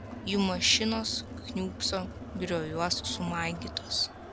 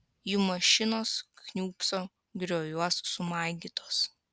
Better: second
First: background sound (Crowd); 9 dB below the speech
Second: none

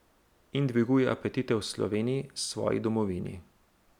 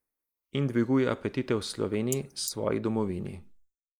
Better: first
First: none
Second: noise reduction (neural mask model Resemble Enhance denoiser)

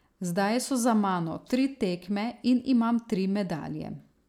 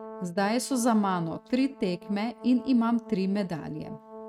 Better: first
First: none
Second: noise reduction (neural mask model RNNoise)

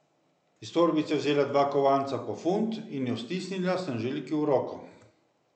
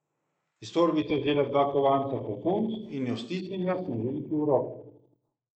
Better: first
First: none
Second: noise reduction (neural mask model Resemble Enhance denoiser)

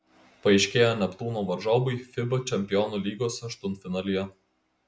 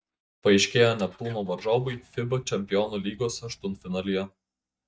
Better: first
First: none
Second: noise reduction (neural mask model DeepFilterNet 3)

